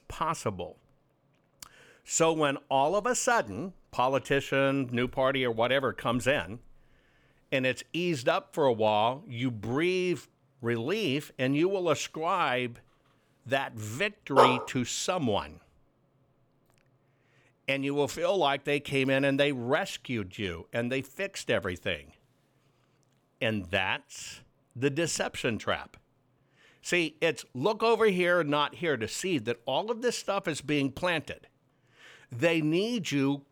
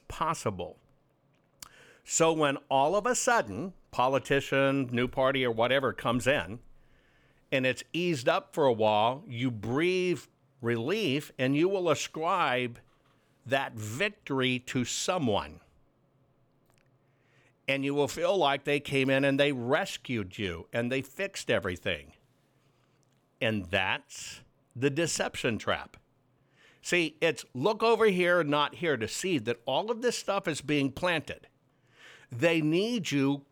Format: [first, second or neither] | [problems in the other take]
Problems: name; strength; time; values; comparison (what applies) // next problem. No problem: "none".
second | dog barking; loud; at 14 s; peak 6 dB above the speech